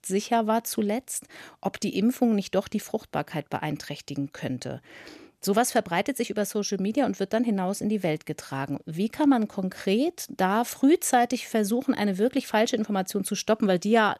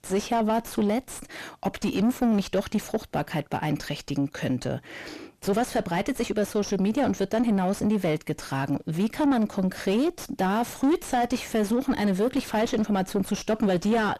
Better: first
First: none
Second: distortion; heavy; 6 dB below the speech

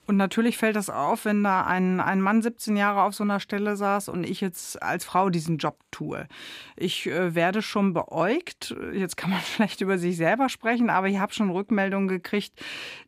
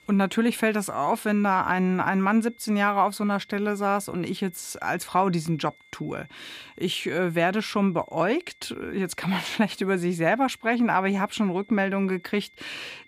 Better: first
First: none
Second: high-pitched whine; faint; throughout; 2 kHz, 30 dB below the speech

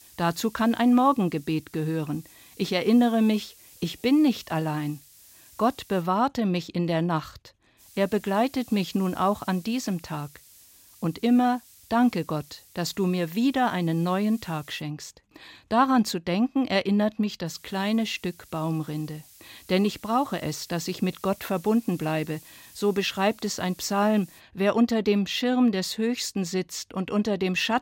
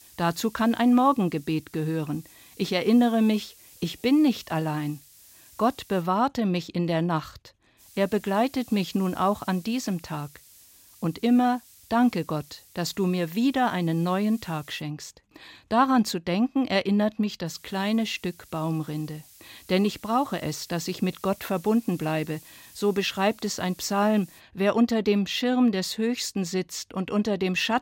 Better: neither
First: hiss; faint; until 6 s, from 8 to 15 s and from 17 to 24 s; 25 dB below the speech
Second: hiss; faint; until 6 s, from 8 to 15 s and from 17 to 24 s; 25 dB below the speech

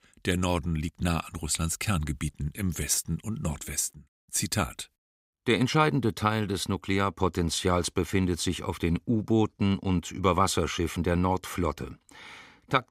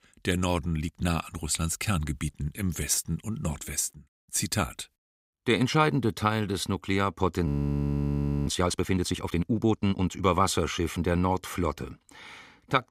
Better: first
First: none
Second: audio freezing; at 7.5 s for 1 s

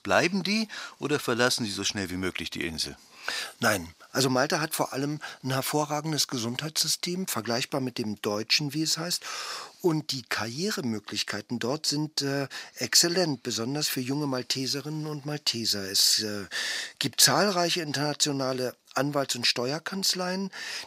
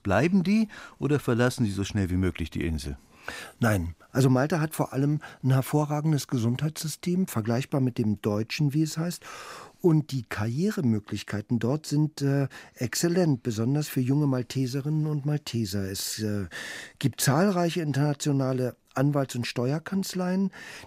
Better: second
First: thin; somewhat; fading below 700 Hz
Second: none

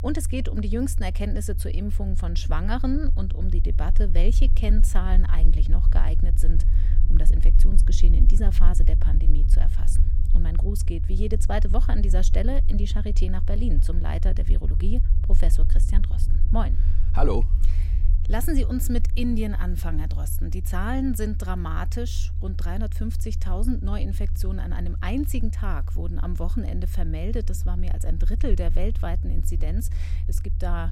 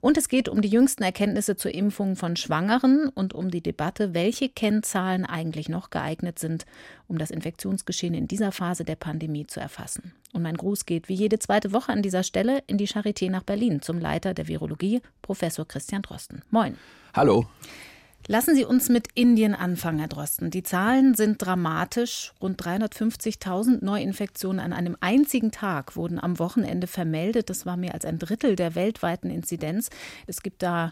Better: second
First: low rumble; noticeable; throughout; 10 dB below the speech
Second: none

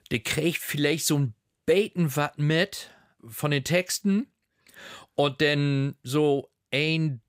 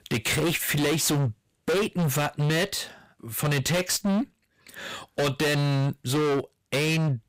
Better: first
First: none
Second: distortion; heavy; 27% of the sound clipped

